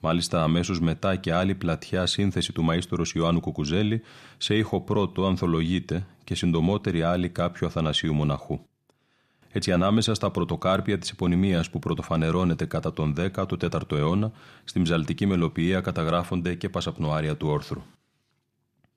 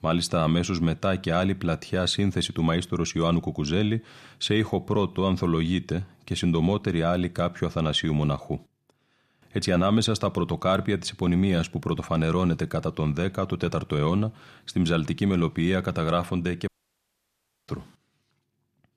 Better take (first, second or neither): first